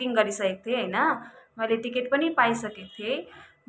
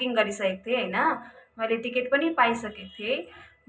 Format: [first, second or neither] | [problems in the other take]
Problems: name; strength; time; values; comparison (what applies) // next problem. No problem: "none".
first | room echo; dies away in 0.2 s